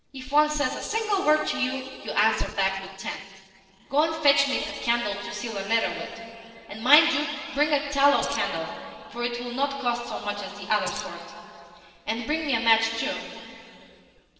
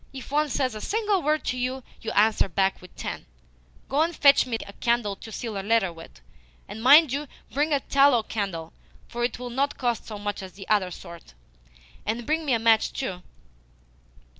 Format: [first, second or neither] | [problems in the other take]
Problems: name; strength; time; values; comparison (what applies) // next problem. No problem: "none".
second | noise reduction (neural separator model SepFormer DNS4)